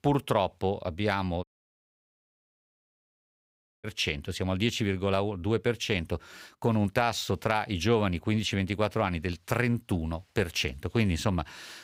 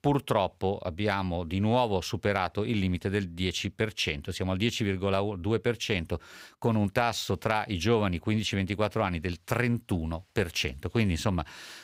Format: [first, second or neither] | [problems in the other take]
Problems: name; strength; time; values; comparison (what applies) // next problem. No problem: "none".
second | audio cutting out; at 1.5 s for 2.5 s